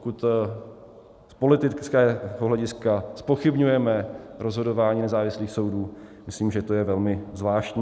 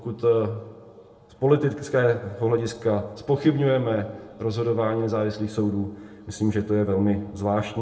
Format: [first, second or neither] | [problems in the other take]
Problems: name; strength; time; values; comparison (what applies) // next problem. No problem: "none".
first | room echo; dies away in 0.5 s